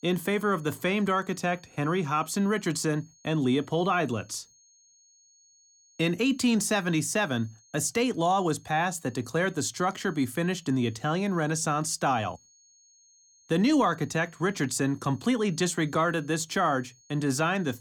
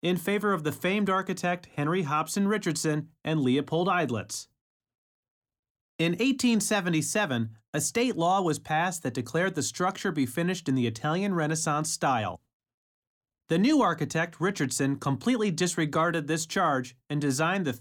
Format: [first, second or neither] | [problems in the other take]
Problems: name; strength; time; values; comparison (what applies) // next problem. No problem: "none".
second | high-pitched whine; faint; throughout; 6.5 kHz, 30 dB below the speech